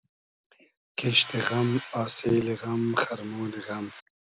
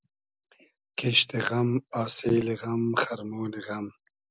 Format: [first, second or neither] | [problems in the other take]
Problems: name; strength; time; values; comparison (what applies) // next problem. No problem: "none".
second | background sound (Tools); 15 dB below the speech